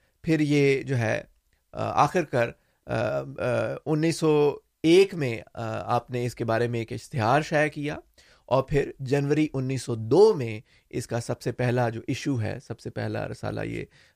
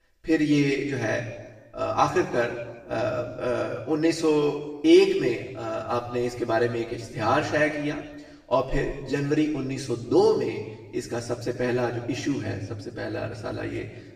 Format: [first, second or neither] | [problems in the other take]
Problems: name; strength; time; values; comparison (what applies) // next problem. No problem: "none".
first | room echo; slight; dies away in 1.1 s // off-mic speech; far